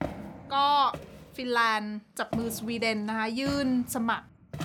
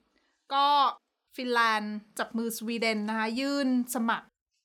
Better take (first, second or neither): second